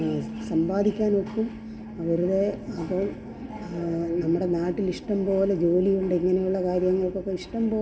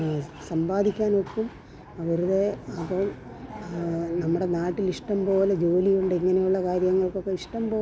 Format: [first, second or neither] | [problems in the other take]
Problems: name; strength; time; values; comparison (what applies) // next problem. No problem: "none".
second | background sound (Piano); 15 dB below the speech // room echo; dies away in 1.6 s